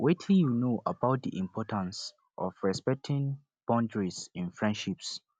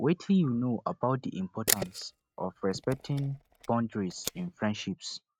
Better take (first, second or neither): first